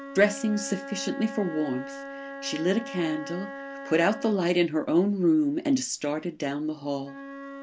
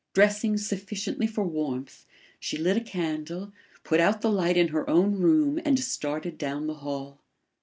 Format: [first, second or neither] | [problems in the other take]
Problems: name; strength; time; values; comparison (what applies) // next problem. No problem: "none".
second | background sound (Wind instrument, woodwind instrument); 13 dB below the speech